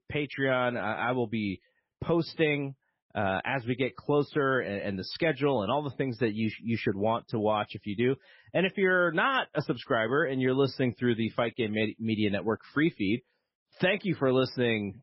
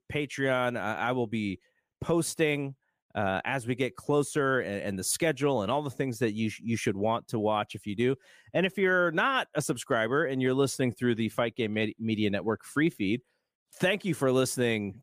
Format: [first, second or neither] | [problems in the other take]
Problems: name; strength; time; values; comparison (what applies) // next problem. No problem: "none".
second | garbled, watery; badly; nothing above 5.5 kHz